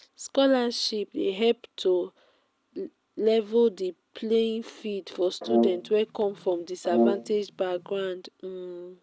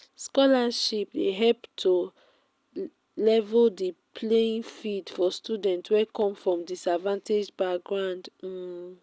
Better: second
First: background sound (Brass instrument); 1 dB below the speech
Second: none

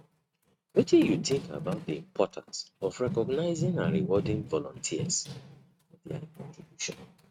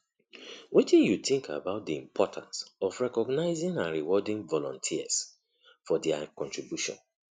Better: second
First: noise reduction (neural mask model RNNoise)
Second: none

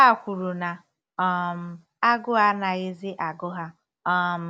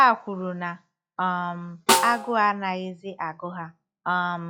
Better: first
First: none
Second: noise reduction (classical method log-MMSE)

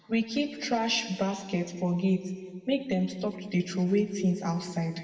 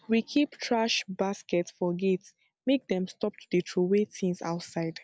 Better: second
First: room echo; dies away in 1.8 s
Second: none

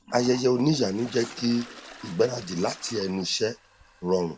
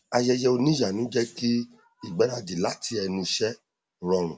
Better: second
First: background sound (Toilet flush); 19 dB below the speech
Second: none

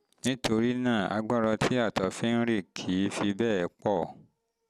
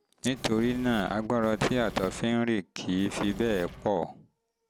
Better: first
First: none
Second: background sound (Engine / Mechanisms); 16 dB below the speech

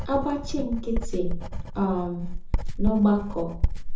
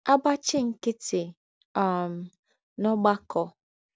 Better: second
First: background sound (Writing); as loud as the speech // room echo; dies away in 0.5 s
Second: none

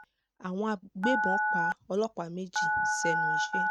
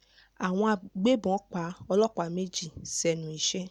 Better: second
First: noise reduction (neural mask model RNNoise)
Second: none

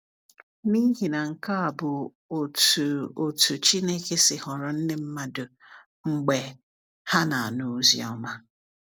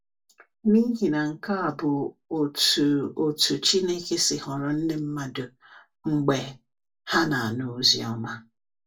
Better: first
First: none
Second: room echo; dies away in 0.1 s

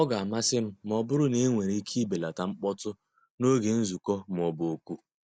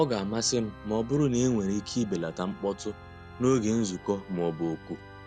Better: first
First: none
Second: background sound (Organ); 17 dB below the speech

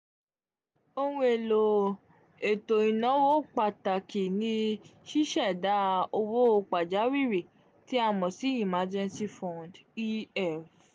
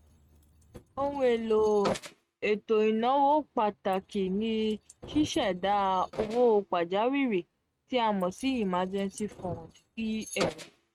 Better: first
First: none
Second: noise reduction (neural mask model RNNoise)

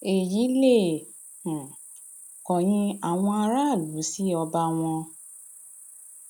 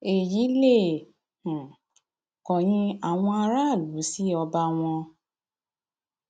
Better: second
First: background sound (Cricket); 20 dB below the speech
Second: none

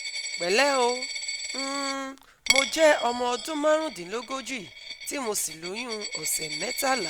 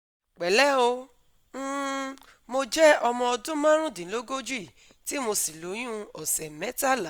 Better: second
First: background sound (Coin (dropping)); 5 dB below the speech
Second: none

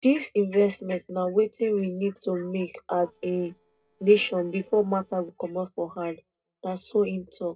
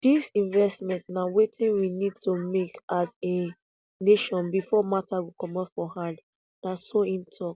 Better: second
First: noise reduction (neural separator model SepFormer DNS4)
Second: none

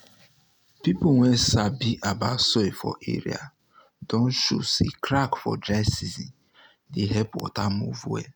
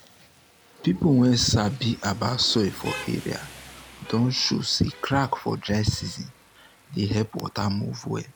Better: first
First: none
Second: background sound (Rain); 19 dB below the speech

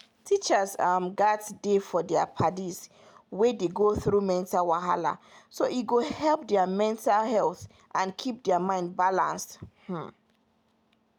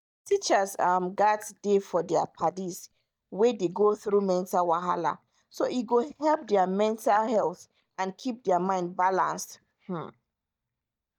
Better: first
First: none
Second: noise reduction (neural mask model DeepFilterNet 3)

